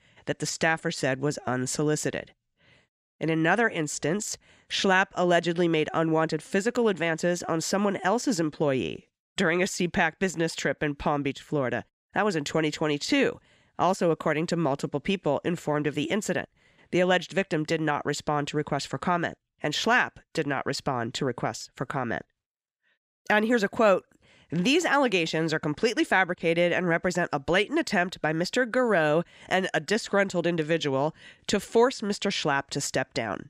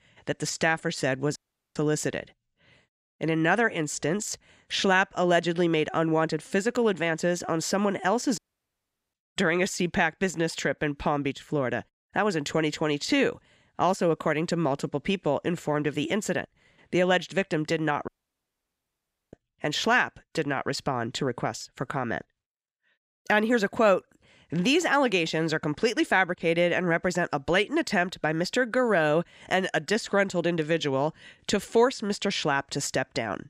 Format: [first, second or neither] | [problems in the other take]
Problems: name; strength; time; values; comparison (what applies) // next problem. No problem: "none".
first | audio cutting out; at 1.5 s, at 8.5 s for 1 s and at 18 s for 1.5 s